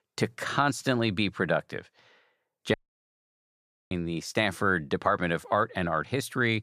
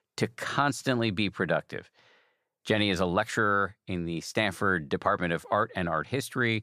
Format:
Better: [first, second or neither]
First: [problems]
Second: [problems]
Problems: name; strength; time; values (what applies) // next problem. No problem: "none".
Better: second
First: audio cutting out; at 2.5 s for 1 s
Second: none